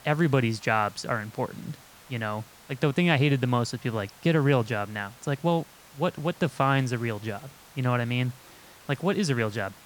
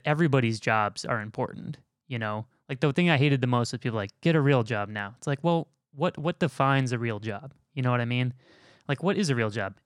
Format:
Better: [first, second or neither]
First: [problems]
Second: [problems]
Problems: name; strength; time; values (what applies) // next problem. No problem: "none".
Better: second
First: hiss; faint; throughout; 25 dB below the speech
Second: none